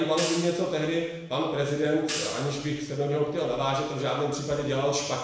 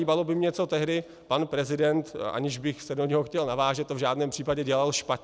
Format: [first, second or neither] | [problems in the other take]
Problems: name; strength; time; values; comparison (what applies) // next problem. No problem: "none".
second | background sound (Hi-hat); 12 dB below the speech // room echo; dies away in 0.9 s